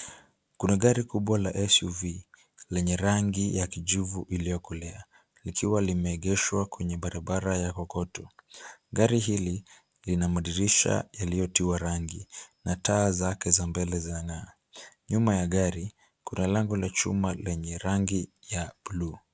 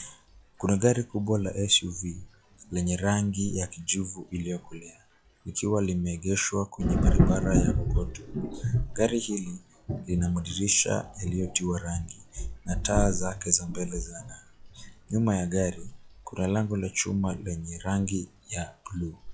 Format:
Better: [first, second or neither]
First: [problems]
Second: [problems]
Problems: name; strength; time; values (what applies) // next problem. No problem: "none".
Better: first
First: none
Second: noise reduction (classical method log-MMSE)